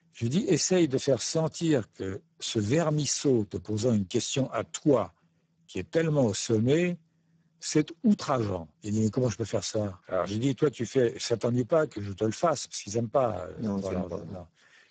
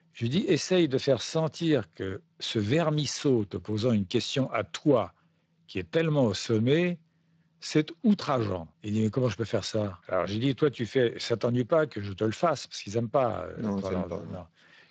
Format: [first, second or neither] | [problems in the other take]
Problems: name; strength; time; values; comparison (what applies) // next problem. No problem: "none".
second | garbled, watery; badly; nothing above 7.5 kHz; slightly in the second